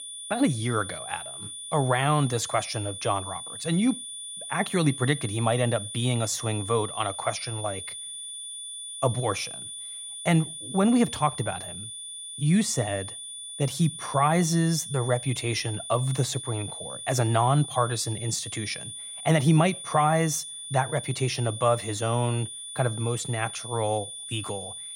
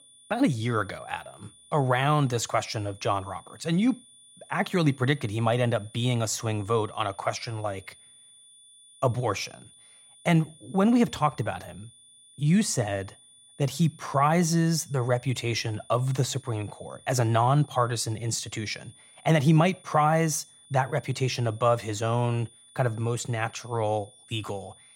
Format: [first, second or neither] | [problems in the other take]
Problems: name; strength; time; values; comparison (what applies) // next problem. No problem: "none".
second | high-pitched whine; loud; throughout; 9.5 kHz, 9 dB below the speech; faint in the second